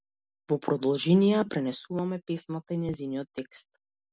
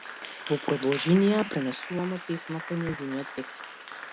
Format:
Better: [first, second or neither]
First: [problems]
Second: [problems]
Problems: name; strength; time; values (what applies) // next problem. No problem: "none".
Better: first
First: none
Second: background sound (Applause); 11 dB below the speech